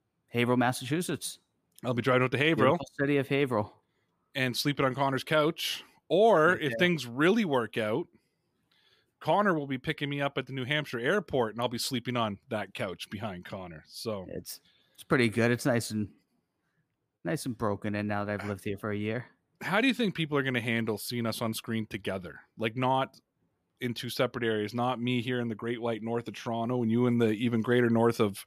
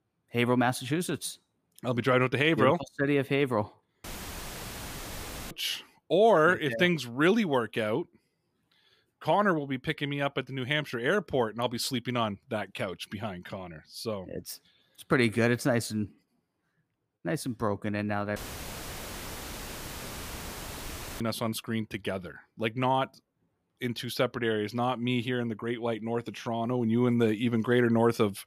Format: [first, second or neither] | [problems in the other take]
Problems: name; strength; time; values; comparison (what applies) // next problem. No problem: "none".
first | audio cutting out; filled with static; at 4 s for 1.5 s and at 18 s for 3 s